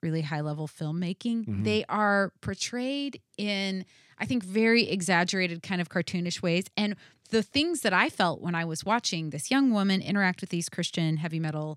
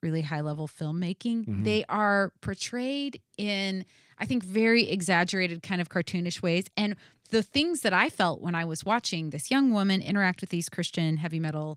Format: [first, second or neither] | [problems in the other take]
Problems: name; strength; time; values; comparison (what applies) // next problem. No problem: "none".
first | garbled, watery; slightly; nothing above 16 kHz